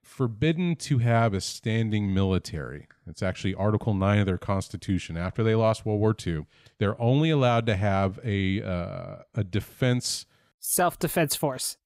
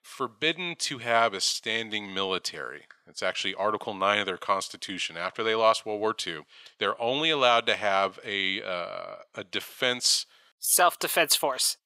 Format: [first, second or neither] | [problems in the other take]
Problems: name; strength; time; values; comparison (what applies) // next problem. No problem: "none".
first | thin; very; fading below 550 Hz